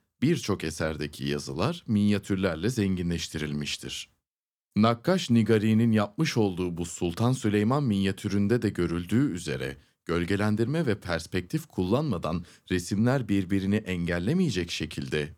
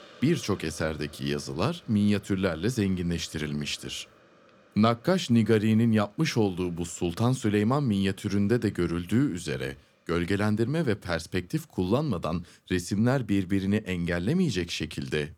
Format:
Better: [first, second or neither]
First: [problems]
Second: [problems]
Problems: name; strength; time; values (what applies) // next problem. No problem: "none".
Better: first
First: none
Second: hiss; faint; throughout; 30 dB below the speech